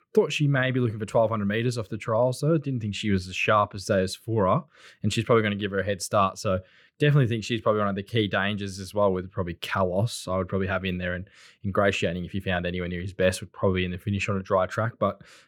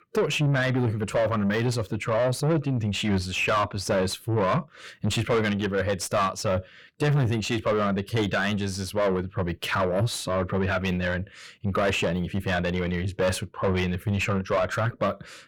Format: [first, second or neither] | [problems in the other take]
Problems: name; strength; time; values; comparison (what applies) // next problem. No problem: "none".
first | distortion; heavy; 8 dB below the speech